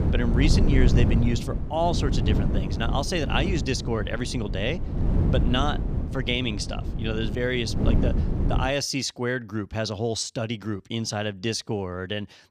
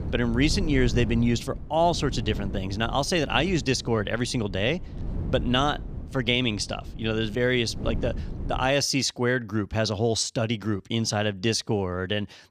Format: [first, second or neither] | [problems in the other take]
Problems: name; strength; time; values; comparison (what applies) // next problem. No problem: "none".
second | wind noise on the microphone; heavy; until 8.5 s; 7 dB below the speech; occasional gusts in the second